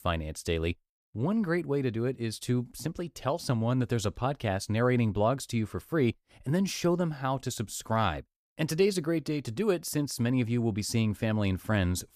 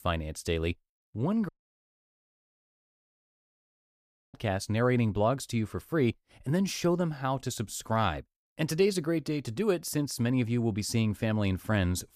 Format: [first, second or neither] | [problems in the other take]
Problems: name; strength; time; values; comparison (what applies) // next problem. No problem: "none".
first | audio cutting out; at 1.5 s for 3 s